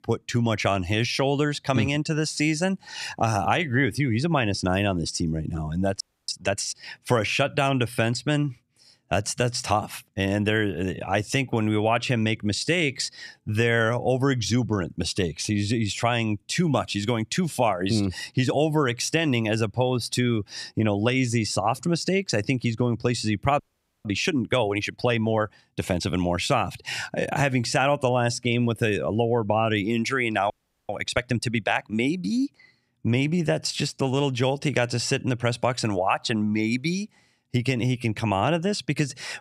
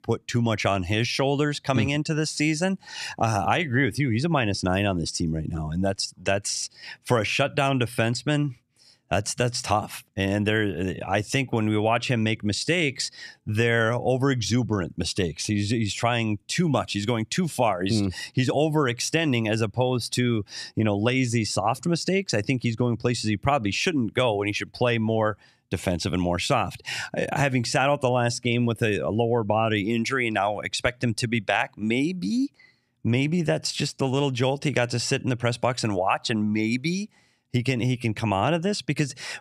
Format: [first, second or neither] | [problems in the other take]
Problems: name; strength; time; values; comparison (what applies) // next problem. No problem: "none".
second | audio freezing; at 6 s, at 24 s and at 31 s